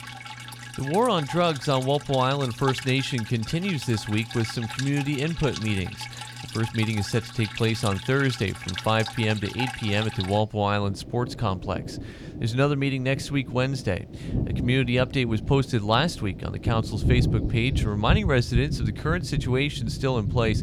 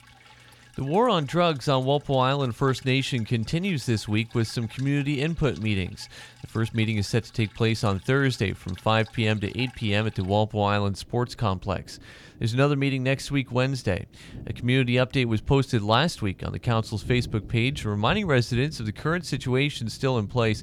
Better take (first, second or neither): second